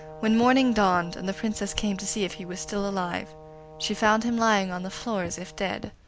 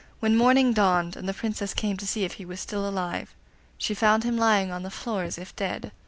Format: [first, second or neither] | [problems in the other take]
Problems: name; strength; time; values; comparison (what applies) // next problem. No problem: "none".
second | background sound (Brass instrument); 18 dB below the speech